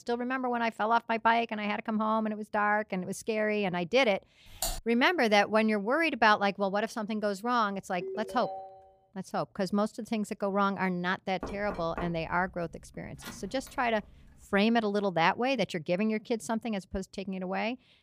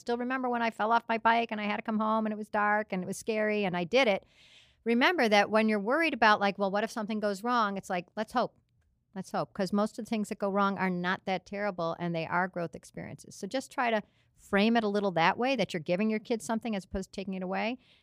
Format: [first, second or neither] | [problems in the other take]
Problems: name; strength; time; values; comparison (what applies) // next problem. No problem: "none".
second | keyboard typing; noticeable; at 4.5 s; peak 5 dB below the speech // phone ringing; faint; at 8 s; peak 10 dB below the speech // door banging; faint; from 11 to 14 s; peak 10 dB below the speech